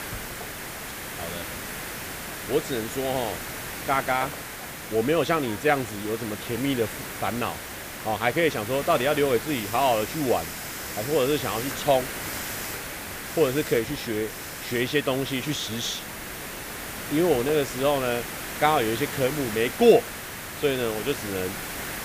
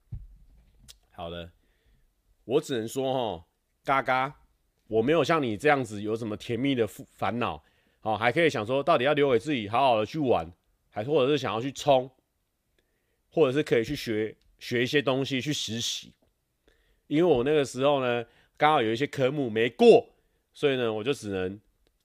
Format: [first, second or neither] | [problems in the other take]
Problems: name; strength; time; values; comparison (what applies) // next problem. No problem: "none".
second | hiss; loud; throughout; 7 dB below the speech